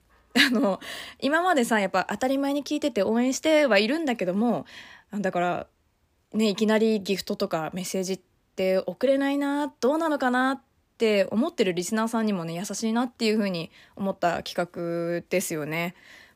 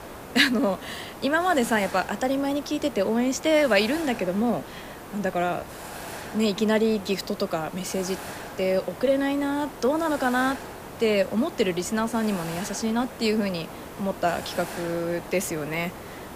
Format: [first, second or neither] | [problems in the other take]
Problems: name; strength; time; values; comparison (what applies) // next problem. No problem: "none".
first | hiss; noticeable; throughout; 15 dB below the speech